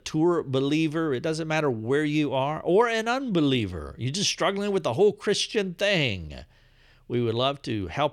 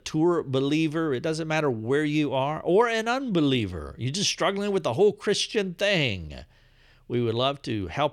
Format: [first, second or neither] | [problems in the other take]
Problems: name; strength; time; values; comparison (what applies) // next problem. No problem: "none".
neither | none